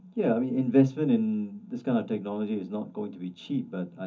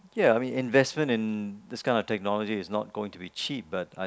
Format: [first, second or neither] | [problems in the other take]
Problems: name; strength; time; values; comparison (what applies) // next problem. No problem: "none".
second | room echo; dies away in 0.3 s